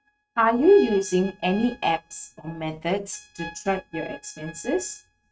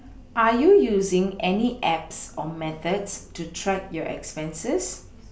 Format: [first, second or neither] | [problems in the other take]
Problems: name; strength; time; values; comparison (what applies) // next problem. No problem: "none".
second | noise reduction (neural mask model RNNoise)